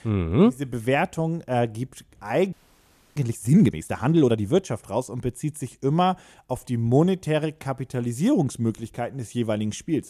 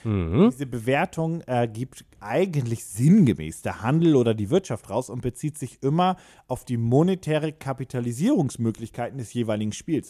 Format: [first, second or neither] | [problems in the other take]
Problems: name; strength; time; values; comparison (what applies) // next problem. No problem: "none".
second | audio freezing; at 2.5 s for 0.5 s